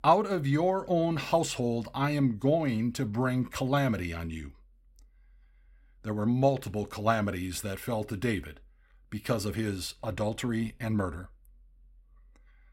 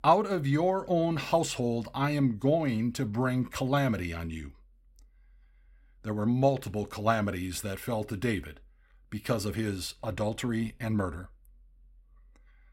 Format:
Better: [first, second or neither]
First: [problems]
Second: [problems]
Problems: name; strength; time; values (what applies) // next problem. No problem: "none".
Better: neither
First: none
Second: none